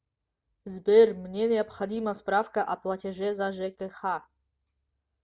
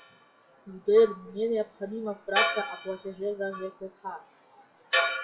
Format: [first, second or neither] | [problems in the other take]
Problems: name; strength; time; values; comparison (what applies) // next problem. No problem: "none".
first | noise reduction (classical method WPE with log-MMSE)